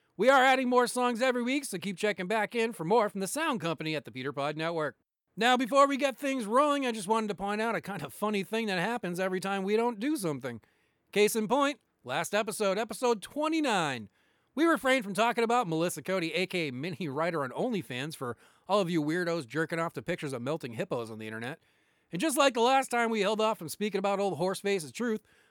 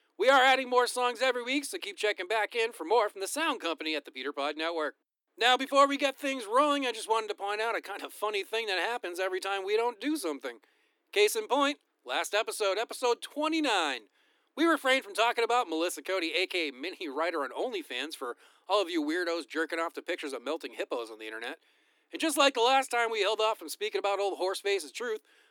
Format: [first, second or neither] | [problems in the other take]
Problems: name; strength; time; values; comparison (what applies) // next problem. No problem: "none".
first | thin; very slightly; fading below 300 Hz